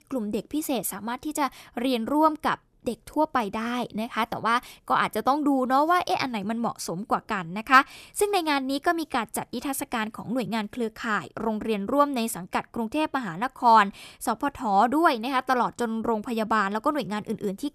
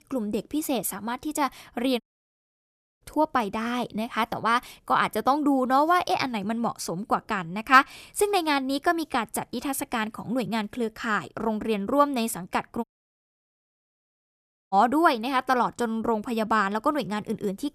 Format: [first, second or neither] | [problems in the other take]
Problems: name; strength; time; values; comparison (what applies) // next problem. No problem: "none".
first | audio cutting out; at 2 s for 1 s and at 13 s for 2 s